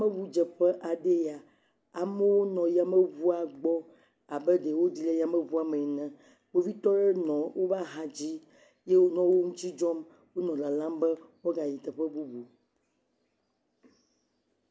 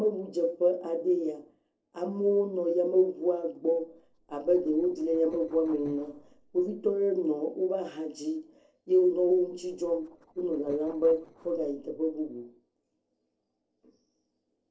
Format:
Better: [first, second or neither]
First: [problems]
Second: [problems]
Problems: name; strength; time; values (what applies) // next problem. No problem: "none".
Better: first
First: none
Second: noise reduction (neural separator model SepFormer DNS4)